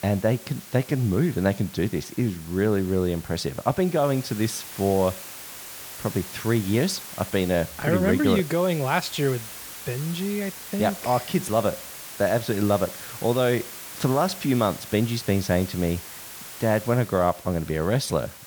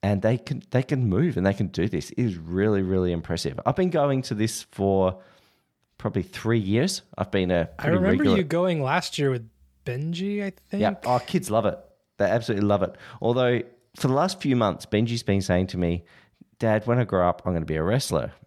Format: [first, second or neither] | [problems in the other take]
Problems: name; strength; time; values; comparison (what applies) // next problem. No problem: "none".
second | hiss; noticeable; throughout; 10 dB below the speech